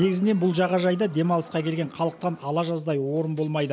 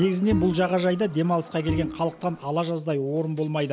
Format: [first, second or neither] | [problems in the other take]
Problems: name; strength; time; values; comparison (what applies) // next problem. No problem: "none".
first | background sound (Bowed string instrument); 7 dB below the speech